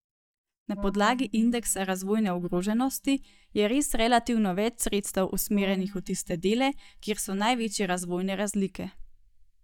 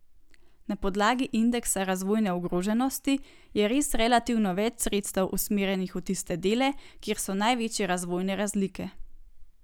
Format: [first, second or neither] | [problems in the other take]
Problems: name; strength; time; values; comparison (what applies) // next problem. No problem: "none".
second | noise reduction (neural mask model DeepFilterNet 3)